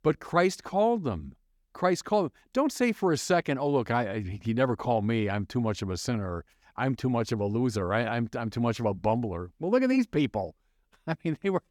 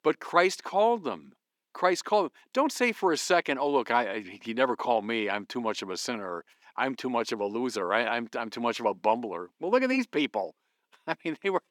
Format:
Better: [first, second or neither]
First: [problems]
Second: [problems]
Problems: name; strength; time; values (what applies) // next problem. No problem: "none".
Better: first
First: none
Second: thin; somewhat; fading below 300 Hz